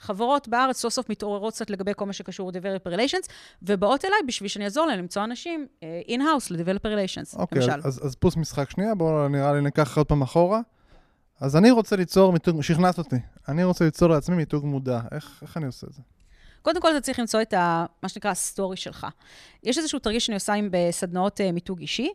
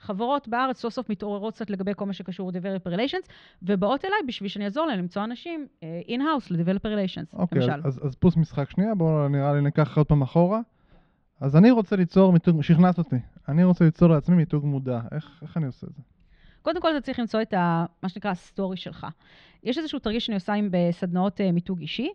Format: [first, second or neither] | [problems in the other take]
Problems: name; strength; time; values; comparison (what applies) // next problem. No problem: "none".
first | muffled; slightly; fading above 3.5 kHz